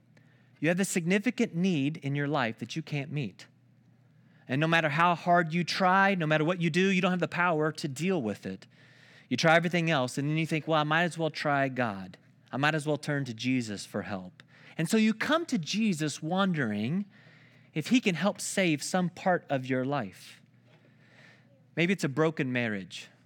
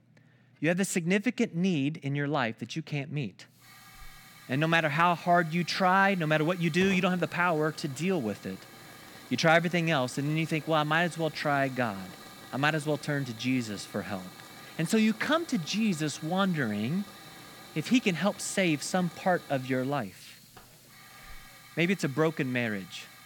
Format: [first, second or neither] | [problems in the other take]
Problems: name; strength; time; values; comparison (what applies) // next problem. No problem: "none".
first | hiss; noticeable; from 3.5 s on; 20 dB below the speech